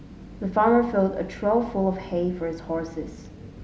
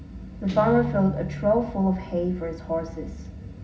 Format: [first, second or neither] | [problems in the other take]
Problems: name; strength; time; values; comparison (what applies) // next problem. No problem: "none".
first | background sound (Guitar); 11 dB below the speech // room echo; dies away in 0.4 s